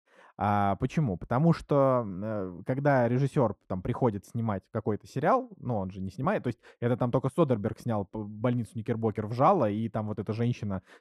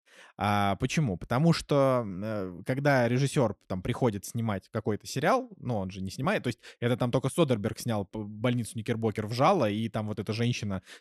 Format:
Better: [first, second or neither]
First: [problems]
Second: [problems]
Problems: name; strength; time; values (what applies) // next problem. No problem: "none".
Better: second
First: muffled; slightly; fading above 2 kHz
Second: none